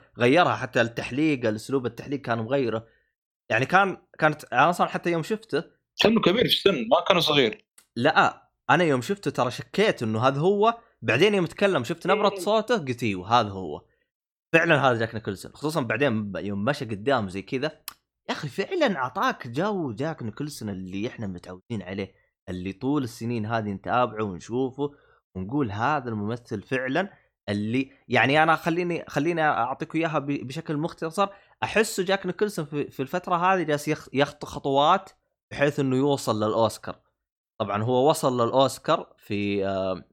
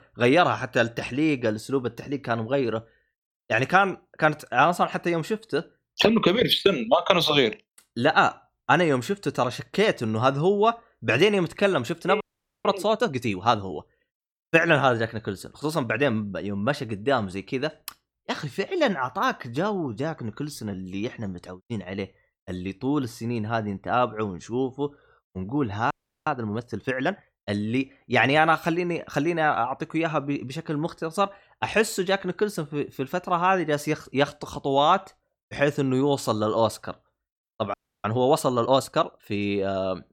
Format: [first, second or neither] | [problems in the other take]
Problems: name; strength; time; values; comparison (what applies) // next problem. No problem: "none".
first | audio freezing; at 12 s, at 26 s and at 38 s